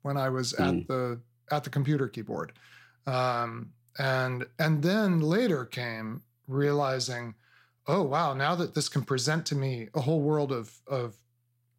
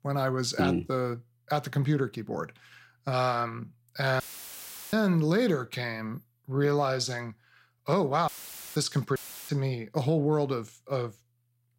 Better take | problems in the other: first | audio cutting out; filled with static; at 4 s for 0.5 s, at 8.5 s and at 9 s

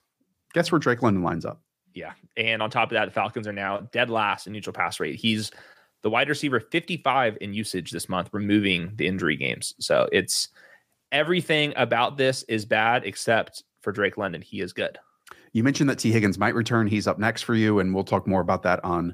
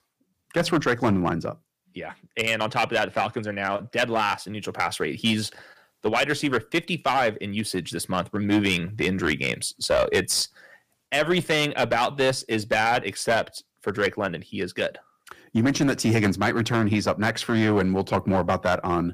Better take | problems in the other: first | distortion; slight; 5% of the sound clipped

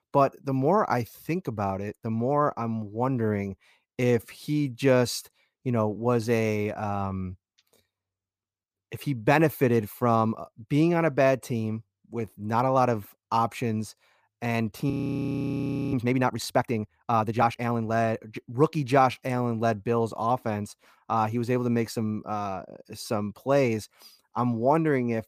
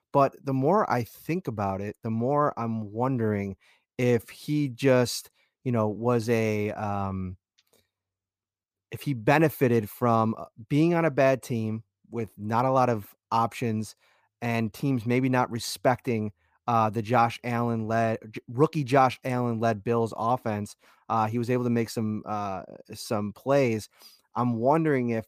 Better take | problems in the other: second | audio freezing; at 15 s for 1 s

